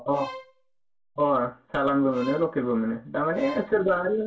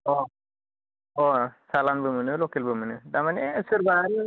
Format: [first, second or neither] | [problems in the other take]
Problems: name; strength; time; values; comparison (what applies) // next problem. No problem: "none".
second | background sound (Bowed string instrument); 17 dB below the speech // room echo; dies away in 0.2 s